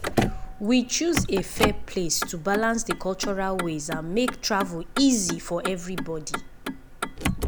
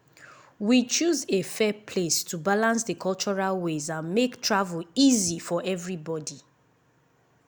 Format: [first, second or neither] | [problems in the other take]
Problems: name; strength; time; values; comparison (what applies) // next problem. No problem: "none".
second | background sound (Motor vehicle (road)); 3 dB below the speech